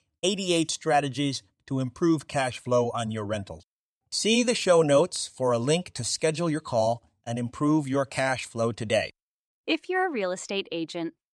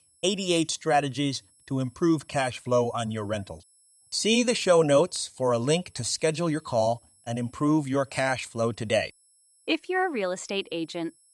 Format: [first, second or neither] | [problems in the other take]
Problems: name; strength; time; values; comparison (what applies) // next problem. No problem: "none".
first | high-pitched whine; faint; throughout; 10.5 kHz, 30 dB below the speech